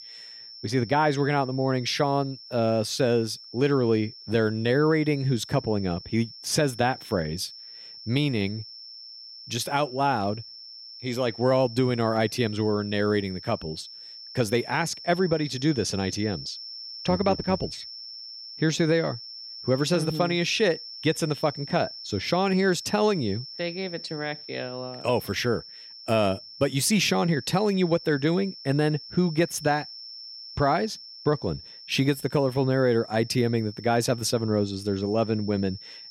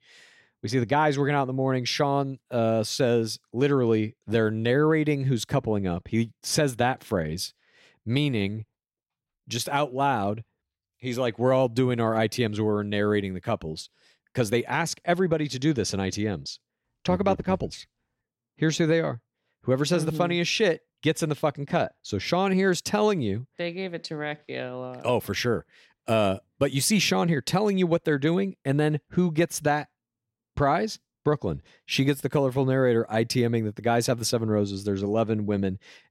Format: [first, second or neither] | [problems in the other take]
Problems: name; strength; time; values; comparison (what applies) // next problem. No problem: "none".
second | high-pitched whine; noticeable; throughout; 5.5 kHz, 15 dB below the speech